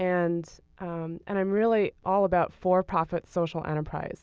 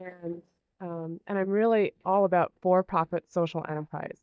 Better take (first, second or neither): first